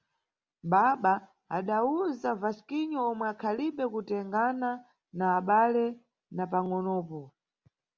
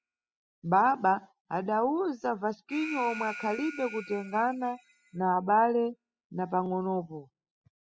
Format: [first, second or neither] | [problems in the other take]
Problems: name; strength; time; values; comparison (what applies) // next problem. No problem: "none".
first | noise reduction (classical method spectral subtraction)